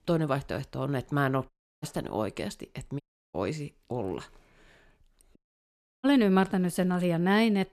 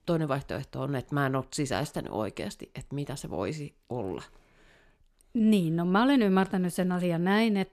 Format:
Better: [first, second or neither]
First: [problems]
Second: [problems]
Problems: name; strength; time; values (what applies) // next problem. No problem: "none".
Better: second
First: audio cutting out; at 1.5 s, at 3 s and at 5.5 s for 0.5 s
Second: none